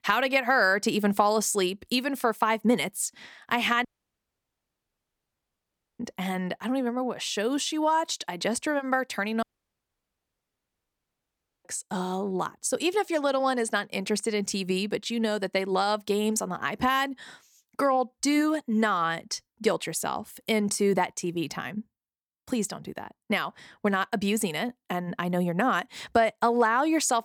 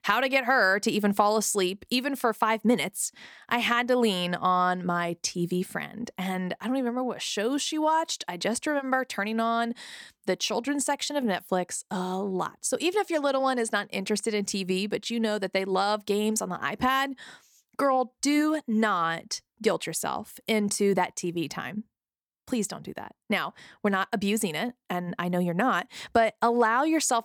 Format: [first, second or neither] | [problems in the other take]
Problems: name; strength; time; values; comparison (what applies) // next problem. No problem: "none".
second | audio cutting out; at 4 s for 2 s and at 9.5 s for 2 s